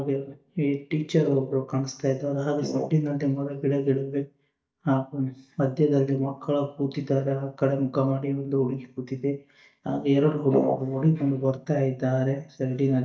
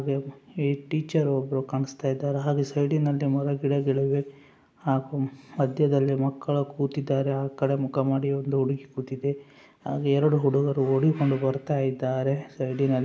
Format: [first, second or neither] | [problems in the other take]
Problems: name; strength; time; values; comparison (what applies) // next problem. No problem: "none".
second | noise reduction (neural mask model DeepFilterNet 3)